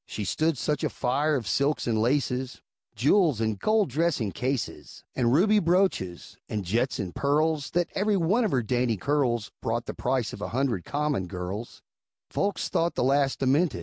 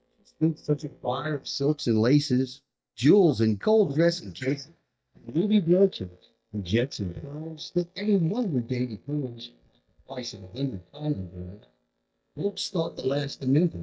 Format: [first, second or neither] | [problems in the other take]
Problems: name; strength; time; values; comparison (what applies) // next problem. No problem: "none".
first | noise reduction (neural mask model DeepFilterNet 3)